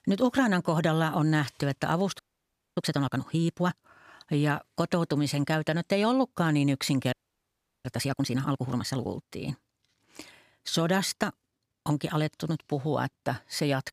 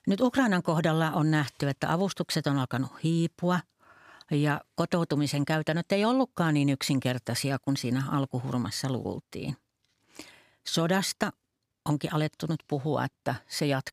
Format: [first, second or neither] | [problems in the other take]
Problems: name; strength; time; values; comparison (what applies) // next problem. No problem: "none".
second | audio freezing; at 2 s for 0.5 s and at 7 s for 0.5 s